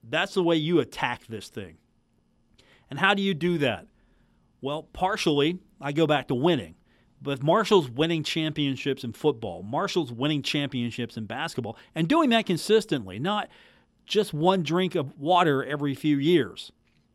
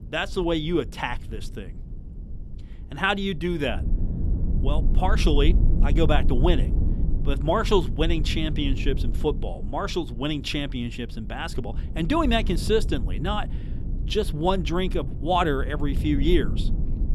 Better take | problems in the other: first | low rumble; noticeable; throughout; 15 dB below the speech

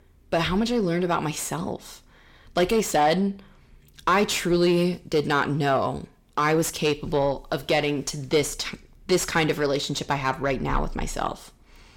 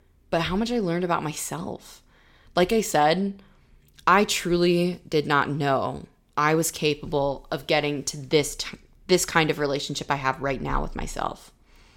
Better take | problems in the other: second | distortion; slight; 10 dB below the speech

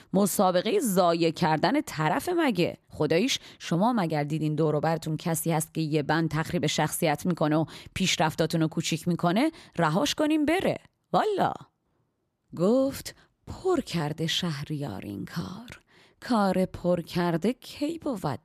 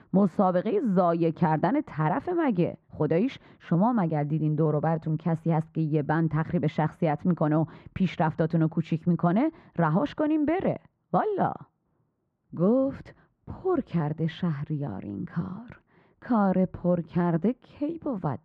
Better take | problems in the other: first | muffled; very; fading above 1.5 kHz

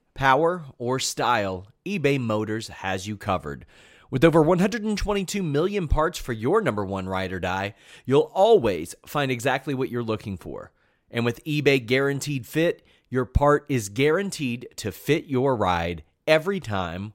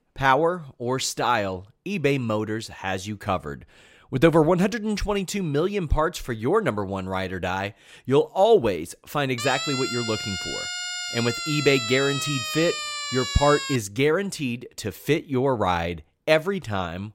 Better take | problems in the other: first | siren; noticeable; from 9.5 to 14 s; peak 3 dB below the speech

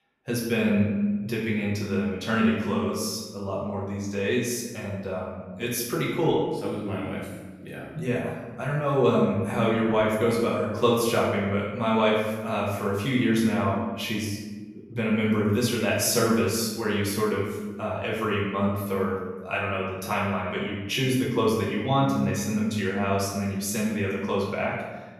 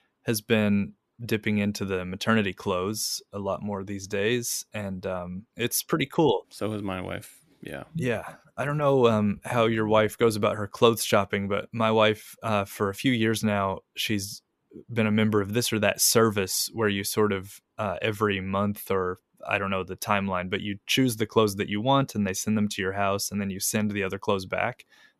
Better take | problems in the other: second | room echo; noticeable; dies away in 1.1 s // off-mic speech; far

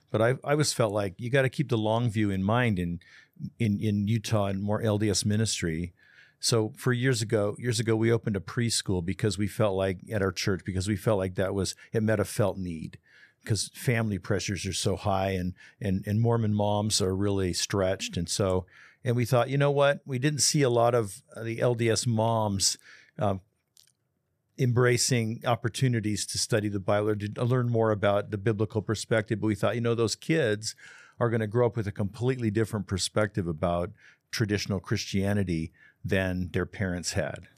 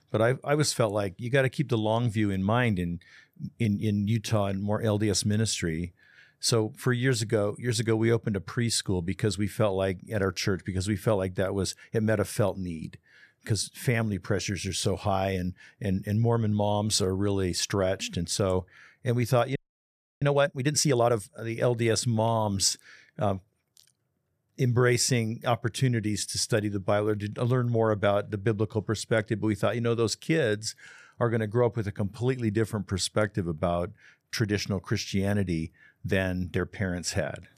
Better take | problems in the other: first | audio freezing; at 20 s for 0.5 s

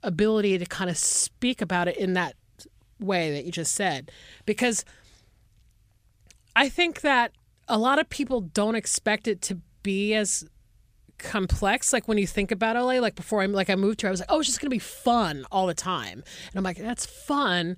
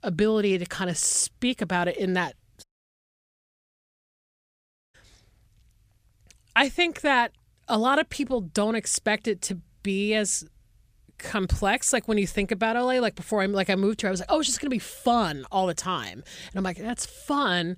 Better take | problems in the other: first | audio cutting out; at 2.5 s for 2.5 s

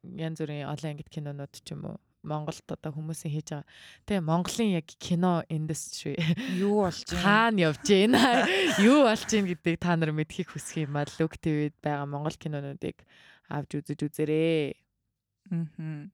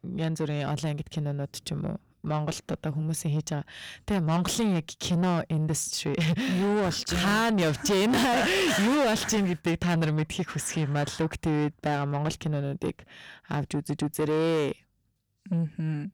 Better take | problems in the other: first | distortion; heavy; 6 dB below the speech

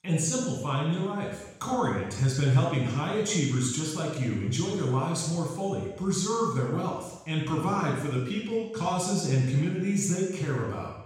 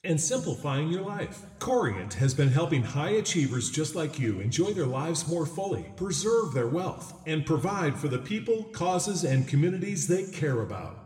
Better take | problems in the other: second | room echo; strong; dies away in 0.9 s; slight in the second // off-mic speech; far

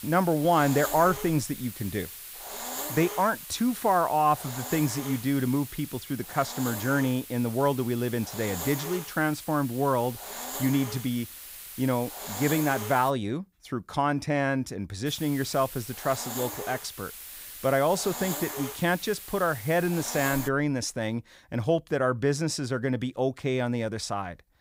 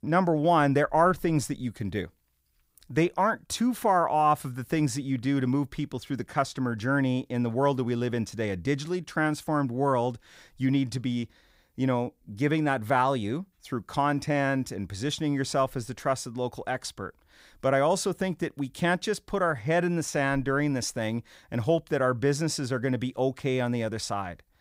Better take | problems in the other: second | hiss; loud; until 13 s and from 15 to 20 s; 9 dB below the speech

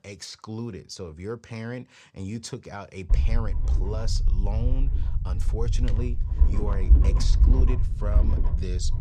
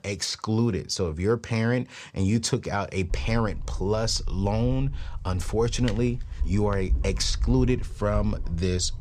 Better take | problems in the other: second | low rumble; loud; from 3 s on; 4 dB below the speech; faint in the second

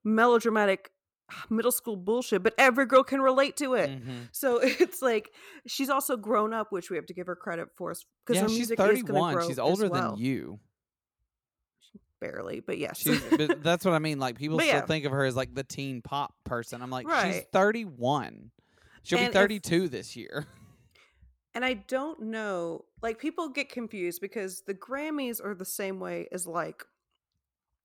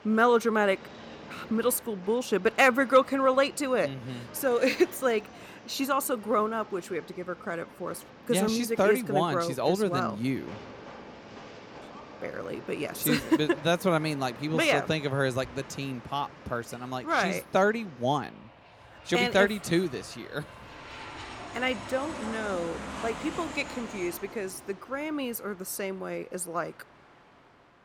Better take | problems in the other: first | train or aircraft noise; noticeable; throughout; 15 dB below the speech

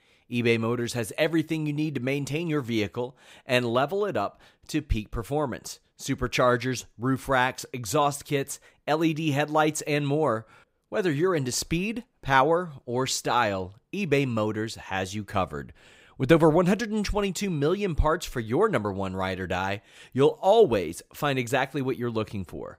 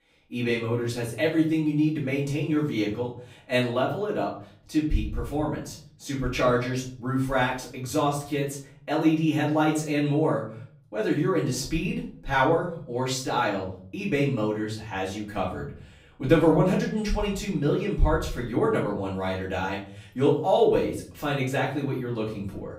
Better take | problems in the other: first | off-mic speech; far // room echo; slight; dies away in 0.5 s

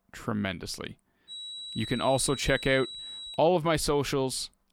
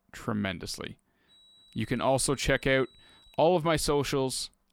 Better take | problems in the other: second | high-pitched whine; loud; from 1.5 to 3.5 s; 4 kHz, 10 dB below the speech; faint in the second

